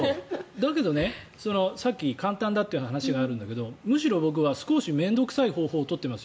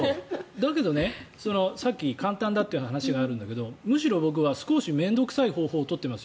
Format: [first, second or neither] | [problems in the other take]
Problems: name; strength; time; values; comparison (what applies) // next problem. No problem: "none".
first | background sound (Drum); 17 dB below the speech